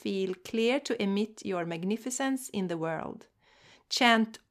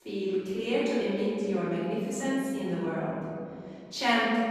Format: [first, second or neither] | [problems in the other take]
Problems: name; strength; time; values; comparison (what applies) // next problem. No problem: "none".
first | off-mic speech; far // room echo; strong; dies away in 2.6 s